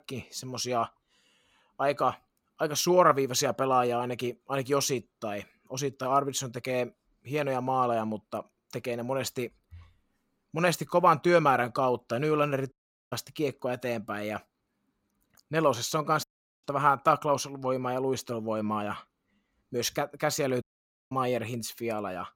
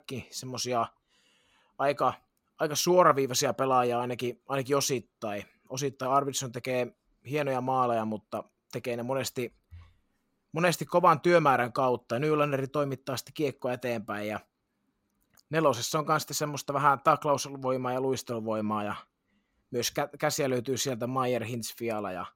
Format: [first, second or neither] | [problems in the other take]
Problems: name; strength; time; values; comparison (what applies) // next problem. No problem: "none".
second | audio cutting out; at 13 s, at 16 s and at 21 s